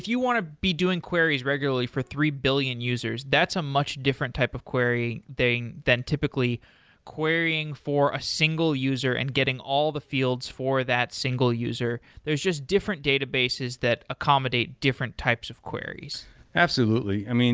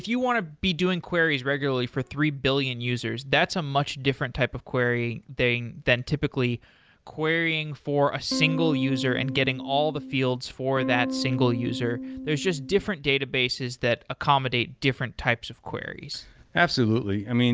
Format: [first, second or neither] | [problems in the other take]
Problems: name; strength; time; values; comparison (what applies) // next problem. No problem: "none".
first | background sound (Electric guitar / Strum); 6 dB below the speech